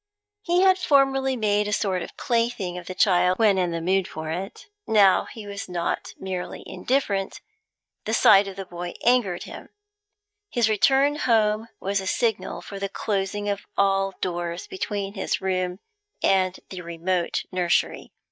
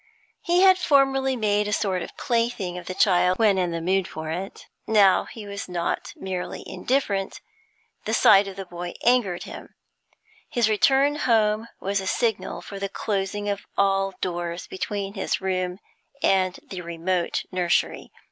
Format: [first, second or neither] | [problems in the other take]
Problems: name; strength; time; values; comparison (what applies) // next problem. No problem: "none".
second | noise reduction (neural mask model DeepFilterNet 3)